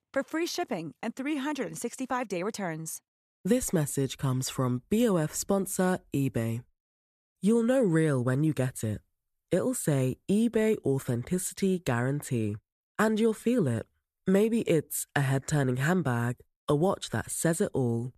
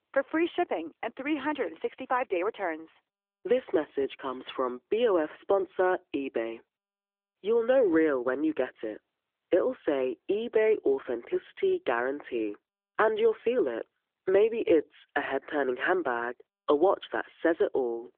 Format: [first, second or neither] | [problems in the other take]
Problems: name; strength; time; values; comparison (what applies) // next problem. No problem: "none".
first | phone-call audio; nothing above 3.5 kHz